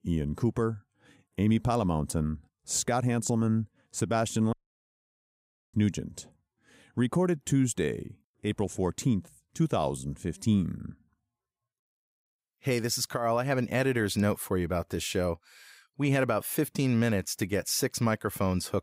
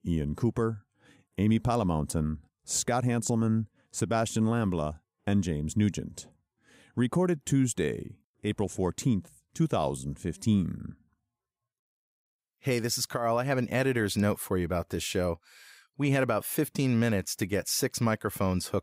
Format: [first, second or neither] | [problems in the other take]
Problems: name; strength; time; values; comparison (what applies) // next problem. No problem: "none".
second | audio cutting out; at 4.5 s for 1 s